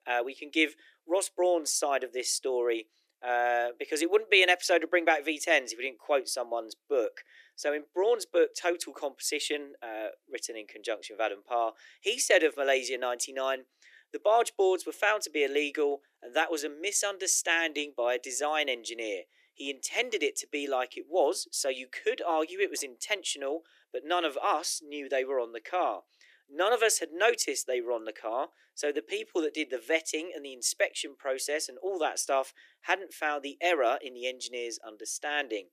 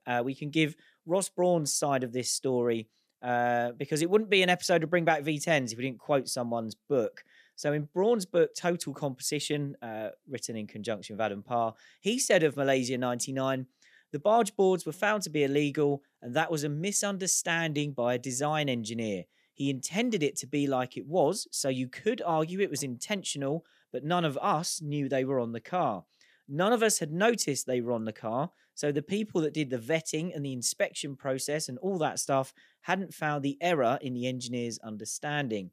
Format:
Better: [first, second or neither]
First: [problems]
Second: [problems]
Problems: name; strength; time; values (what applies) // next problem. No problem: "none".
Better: second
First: thin; very; fading below 300 Hz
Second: none